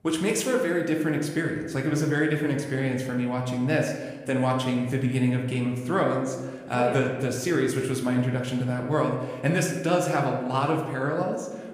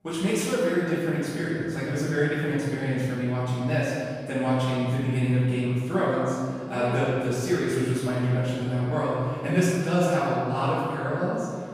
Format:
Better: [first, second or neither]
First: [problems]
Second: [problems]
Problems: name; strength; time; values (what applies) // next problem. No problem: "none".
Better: first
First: room echo; slight; dies away in 1.1 s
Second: room echo; strong; dies away in 1.8 s // off-mic speech; far